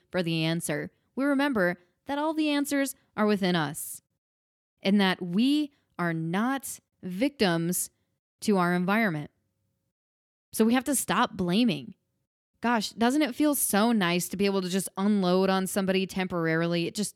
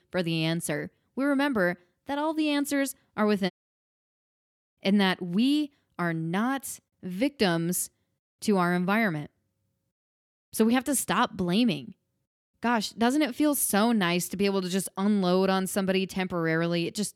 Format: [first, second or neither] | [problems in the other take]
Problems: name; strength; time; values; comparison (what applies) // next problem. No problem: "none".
first | audio cutting out; at 3.5 s for 1 s